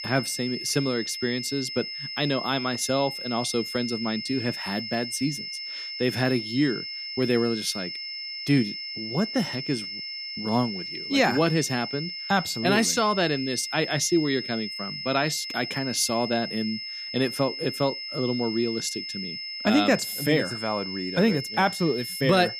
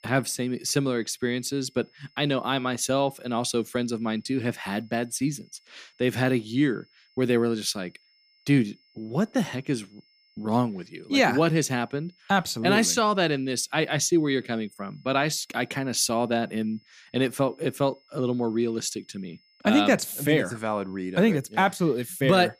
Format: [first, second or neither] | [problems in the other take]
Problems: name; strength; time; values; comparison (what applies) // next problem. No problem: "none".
second | high-pitched whine; loud; throughout; 5.5 kHz, 6 dB below the speech; faint in the second